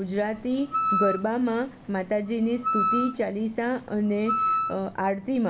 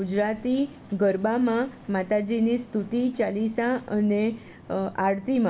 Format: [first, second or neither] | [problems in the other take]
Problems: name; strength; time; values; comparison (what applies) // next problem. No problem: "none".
second | background sound (Wind instrument, woodwind instrument); 3 dB below the speech